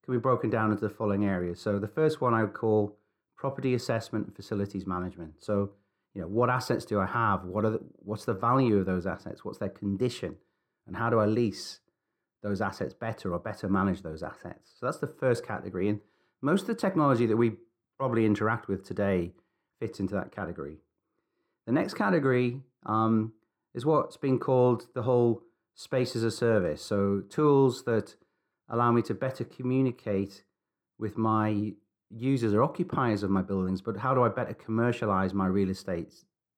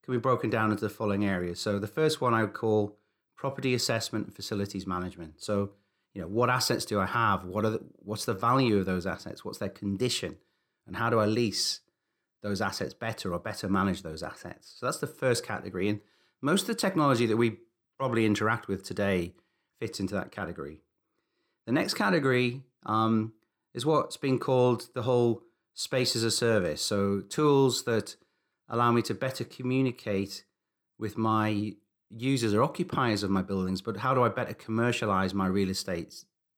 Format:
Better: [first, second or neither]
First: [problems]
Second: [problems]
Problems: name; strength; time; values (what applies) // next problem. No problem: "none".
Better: second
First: muffled; slightly; fading above 2 kHz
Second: none